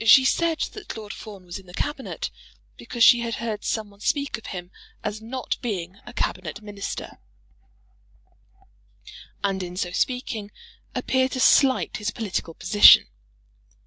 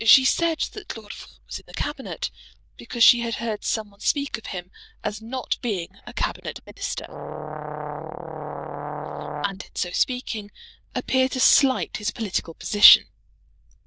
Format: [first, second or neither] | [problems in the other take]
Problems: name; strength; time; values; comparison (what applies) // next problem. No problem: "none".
first | noise reduction (neural diffusion model UNIVERSE++)